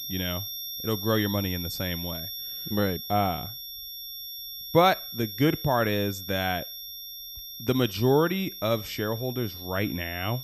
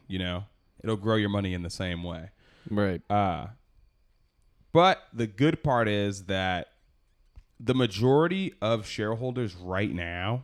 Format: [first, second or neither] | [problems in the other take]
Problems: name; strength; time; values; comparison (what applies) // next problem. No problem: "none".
second | high-pitched whine; loud; throughout; 3.5 kHz, 8 dB below the speech